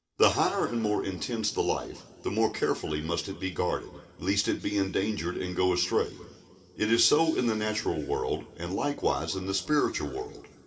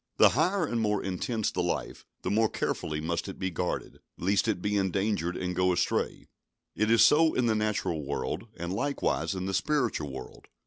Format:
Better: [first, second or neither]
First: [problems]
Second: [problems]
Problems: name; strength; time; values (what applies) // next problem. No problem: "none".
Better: second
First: room echo; dies away in 2.7 s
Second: none